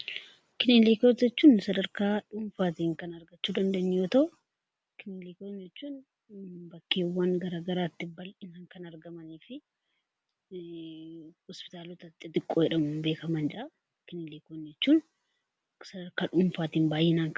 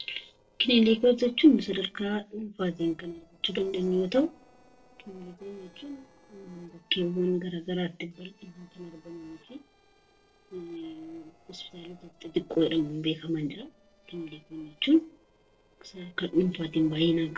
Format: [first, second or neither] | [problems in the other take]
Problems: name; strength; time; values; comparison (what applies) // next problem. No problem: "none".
first | noise reduction (neural separator model SepFormer DNS4)